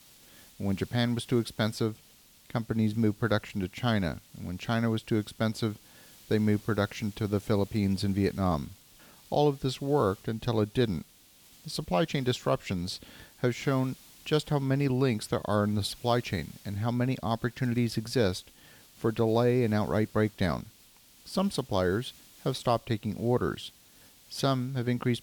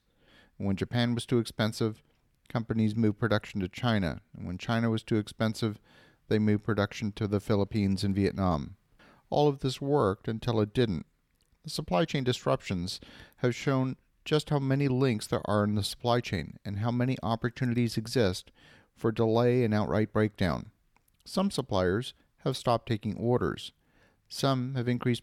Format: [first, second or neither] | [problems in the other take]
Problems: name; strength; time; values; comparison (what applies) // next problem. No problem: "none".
second | hiss; faint; throughout; 25 dB below the speech